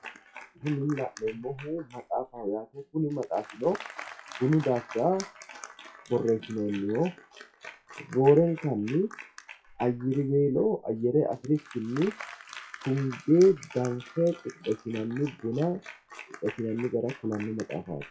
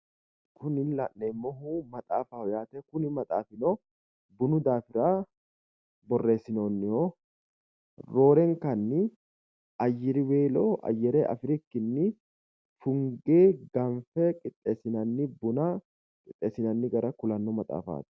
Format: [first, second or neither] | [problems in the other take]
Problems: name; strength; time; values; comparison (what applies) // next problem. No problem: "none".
second | noise reduction (classical method WPE with log-MMSE)